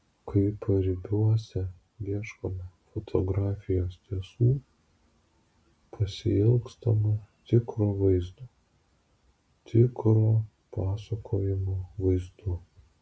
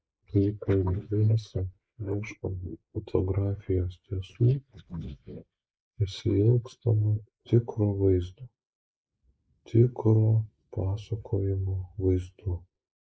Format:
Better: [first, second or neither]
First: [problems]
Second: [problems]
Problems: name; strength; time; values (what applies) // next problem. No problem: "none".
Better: first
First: none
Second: noise reduction (neural mask model Resemble Enhance denoiser)